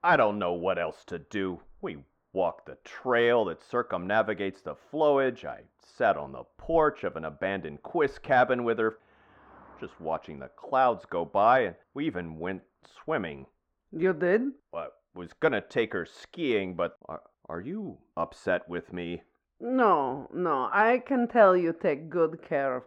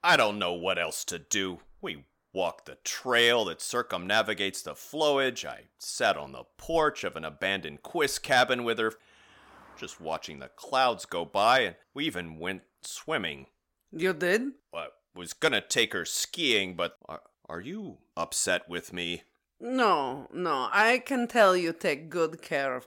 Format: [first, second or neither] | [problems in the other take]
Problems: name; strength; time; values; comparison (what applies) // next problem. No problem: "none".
second | muffled; very; fading above 4 kHz